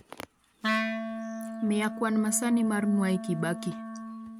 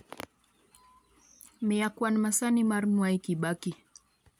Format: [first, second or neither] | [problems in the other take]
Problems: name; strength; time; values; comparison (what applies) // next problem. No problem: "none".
second | background sound (Wind instrument, woodwind instrument); 5 dB below the speech